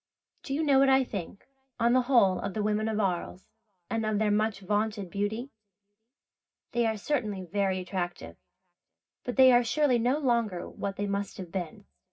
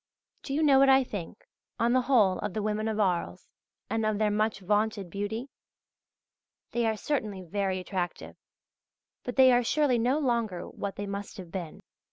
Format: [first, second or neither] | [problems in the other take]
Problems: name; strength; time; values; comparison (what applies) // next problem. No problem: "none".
second | room echo; dies away in 0.4 s